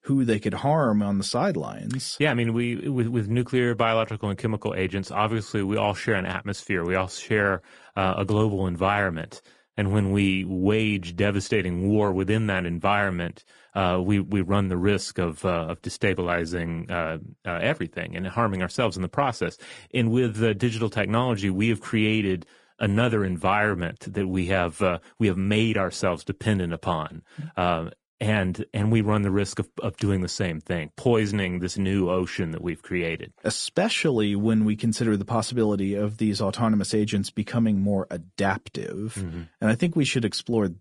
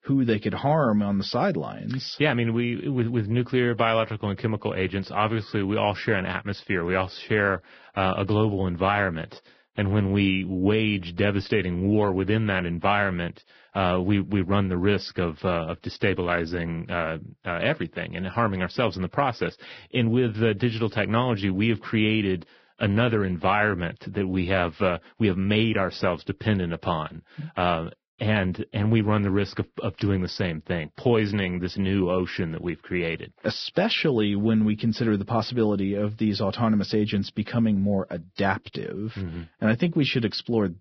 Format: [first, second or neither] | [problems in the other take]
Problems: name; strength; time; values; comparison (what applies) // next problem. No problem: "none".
first | garbled, watery; badly; nothing above 5.5 kHz; slightly in the first